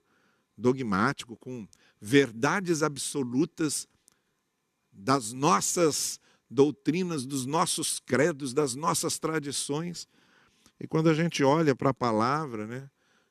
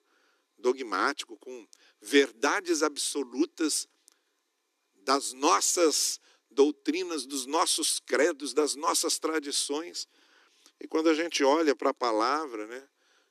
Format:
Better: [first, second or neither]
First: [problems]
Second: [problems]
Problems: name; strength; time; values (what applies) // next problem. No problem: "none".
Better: first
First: none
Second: thin; very slightly; fading below 300 Hz